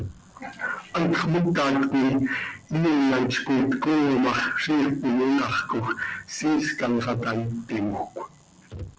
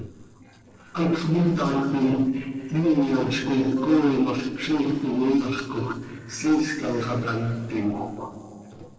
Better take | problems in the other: first | noise reduction (neural separator model SepFormer DNS4)

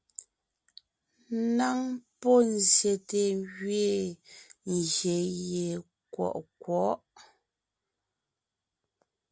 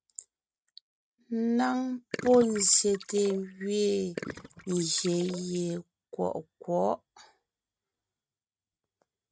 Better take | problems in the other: first | noise reduction (neural mask model RNNoise)

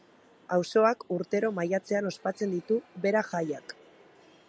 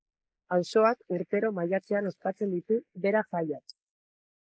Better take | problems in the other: first | noise reduction (neural mask model Resemble Enhance denoiser)

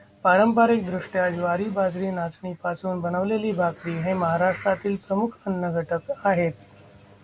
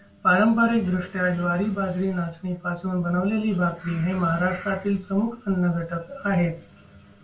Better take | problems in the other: first | room echo; dies away in 0.3 s

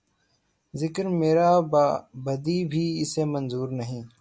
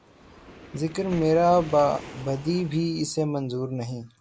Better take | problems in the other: first | background sound (Waves, surf); 18 dB below the speech

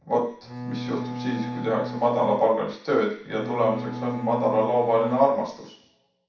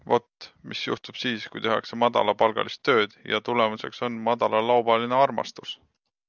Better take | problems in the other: second | background sound (Bowed string instrument); 9 dB below the speech // room echo; dies away in 0.7 s

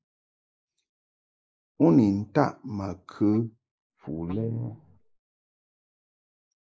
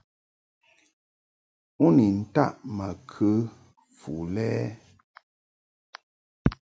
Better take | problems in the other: second | noise reduction (neural mask model Resemble Enhance denoiser)

